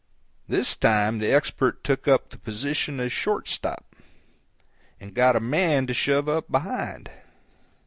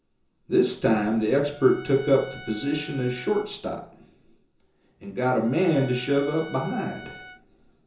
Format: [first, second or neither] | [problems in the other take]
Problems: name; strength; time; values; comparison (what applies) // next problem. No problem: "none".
first | background sound (Trumpet); 20 dB below the speech // room echo; dies away in 0.6 s